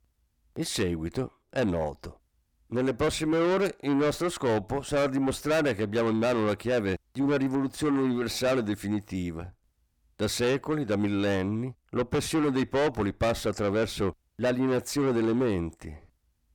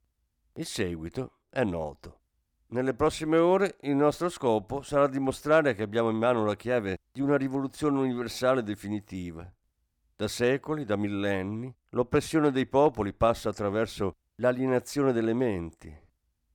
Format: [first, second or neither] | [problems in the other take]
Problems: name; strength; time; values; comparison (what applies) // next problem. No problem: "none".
second | distortion; heavy; 7 dB below the speech